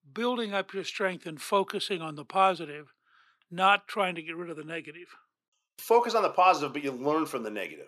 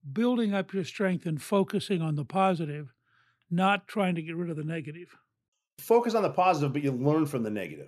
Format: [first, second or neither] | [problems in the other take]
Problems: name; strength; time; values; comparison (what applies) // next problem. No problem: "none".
second | thin; somewhat; fading below 350 Hz